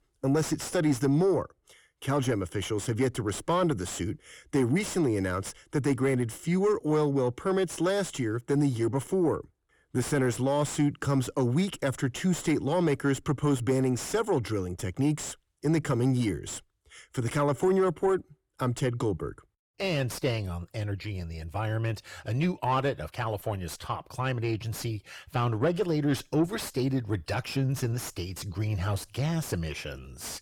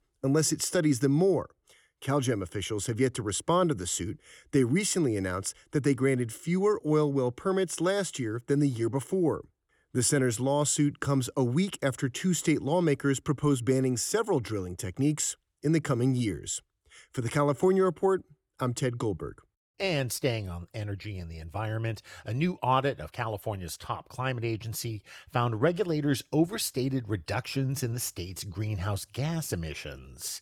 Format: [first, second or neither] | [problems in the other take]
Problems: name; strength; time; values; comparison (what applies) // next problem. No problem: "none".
second | distortion; slight; 10 dB below the speech